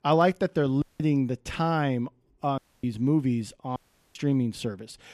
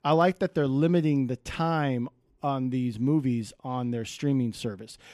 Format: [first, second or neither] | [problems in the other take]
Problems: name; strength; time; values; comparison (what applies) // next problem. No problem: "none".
second | audio cutting out; at 1 s, at 2.5 s and at 4 s